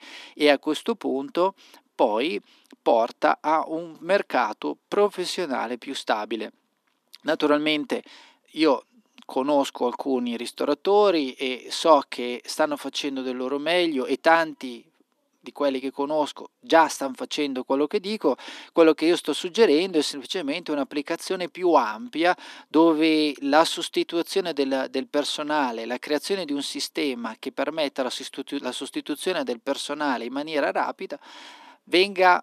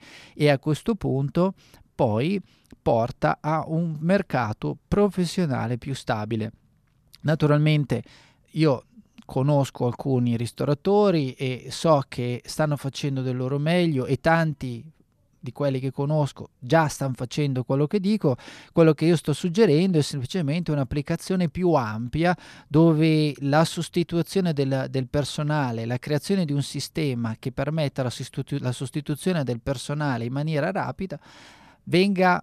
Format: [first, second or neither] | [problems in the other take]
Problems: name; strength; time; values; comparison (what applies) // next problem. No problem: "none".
second | thin; somewhat; fading below 250 Hz